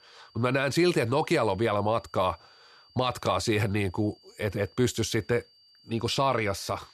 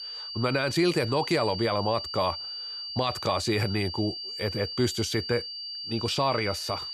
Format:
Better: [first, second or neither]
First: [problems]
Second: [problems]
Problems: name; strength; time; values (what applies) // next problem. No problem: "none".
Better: first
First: high-pitched whine; faint; throughout; 4.5 kHz, 30 dB below the speech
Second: high-pitched whine; loud; throughout; 4.5 kHz, 6 dB below the speech